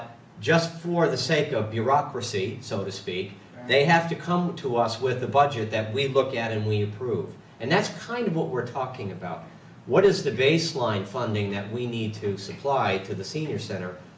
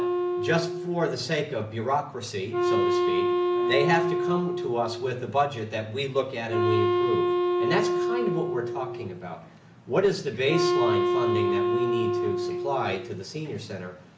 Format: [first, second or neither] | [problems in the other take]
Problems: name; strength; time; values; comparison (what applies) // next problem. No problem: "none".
first | background sound (Wind instrument, woodwind instrument); 2 dB above the speech